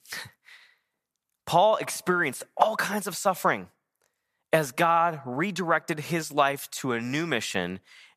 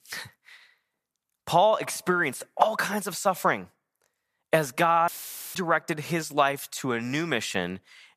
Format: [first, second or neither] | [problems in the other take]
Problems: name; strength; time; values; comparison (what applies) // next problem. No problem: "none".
first | audio cutting out; filled with static; at 5 s